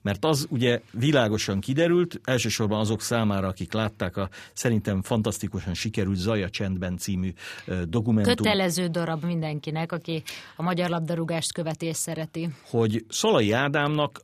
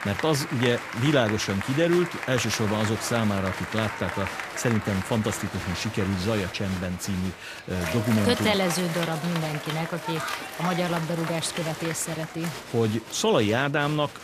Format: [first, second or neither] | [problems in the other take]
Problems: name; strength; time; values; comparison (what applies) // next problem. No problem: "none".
first | crowd noise; loud; throughout; 7 dB below the speech